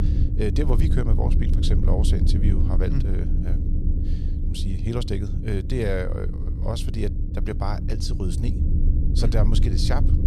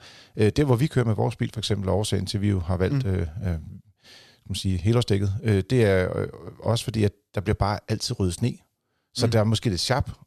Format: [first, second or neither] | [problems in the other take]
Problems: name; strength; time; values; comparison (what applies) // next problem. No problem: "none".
second | low rumble; loud; throughout; 6 dB below the speech